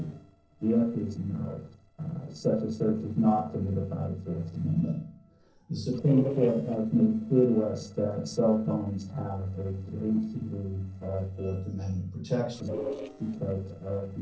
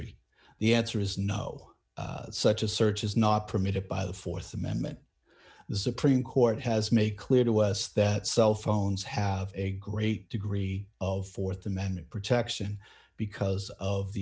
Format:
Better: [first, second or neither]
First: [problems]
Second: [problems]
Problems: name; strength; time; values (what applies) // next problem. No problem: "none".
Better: second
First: noise reduction (neural separator model SepFormer DNS4)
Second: none